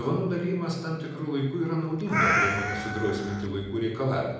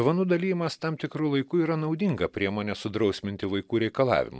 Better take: second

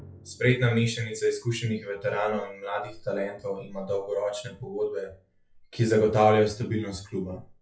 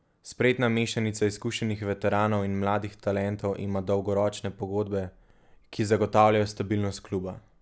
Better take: second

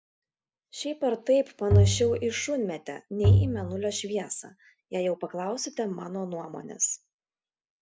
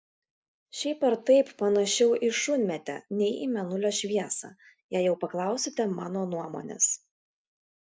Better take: second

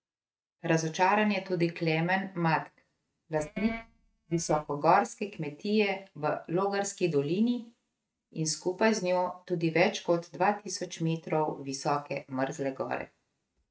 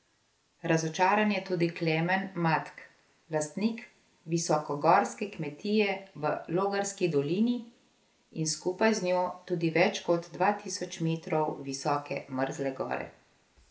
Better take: second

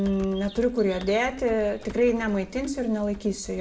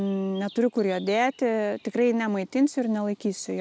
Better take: second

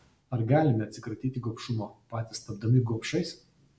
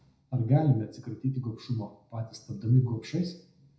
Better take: first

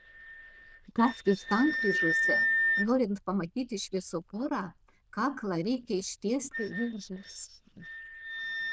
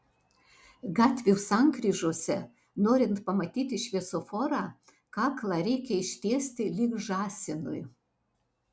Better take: second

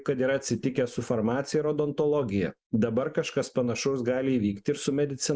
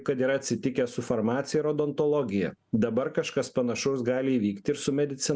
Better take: second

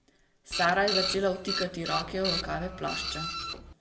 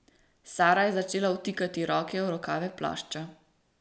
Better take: second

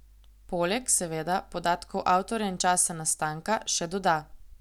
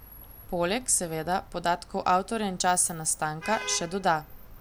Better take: first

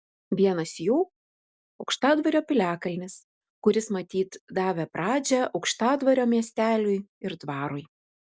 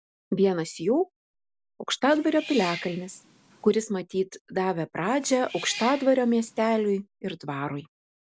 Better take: first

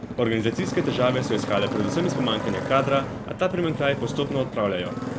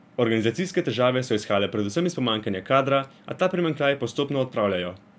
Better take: second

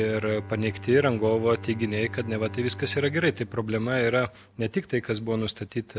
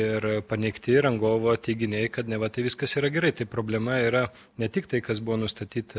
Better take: second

